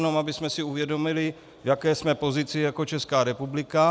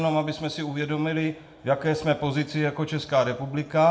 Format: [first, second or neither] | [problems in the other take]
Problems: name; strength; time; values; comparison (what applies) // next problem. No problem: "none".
first | room echo; dies away in 0.5 s